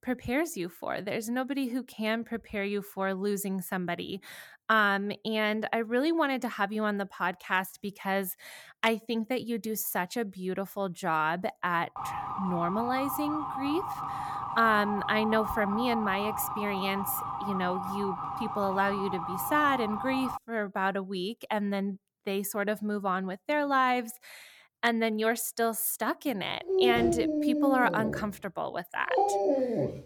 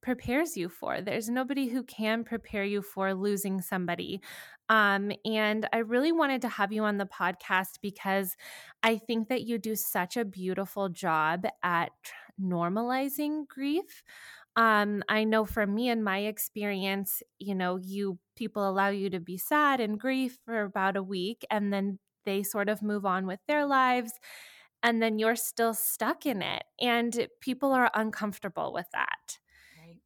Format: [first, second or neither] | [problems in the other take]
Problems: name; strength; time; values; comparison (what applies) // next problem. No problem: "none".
second | siren; noticeable; from 12 to 20 s; peak 3 dB below the speech // dog barking; loud; from 27 s on; peak 5 dB above the speech